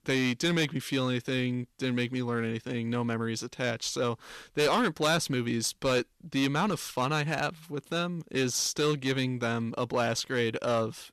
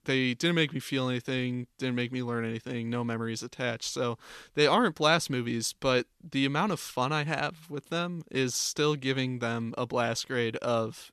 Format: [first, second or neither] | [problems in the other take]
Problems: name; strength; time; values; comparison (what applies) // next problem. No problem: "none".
second | distortion; slight; 6% of the sound clipped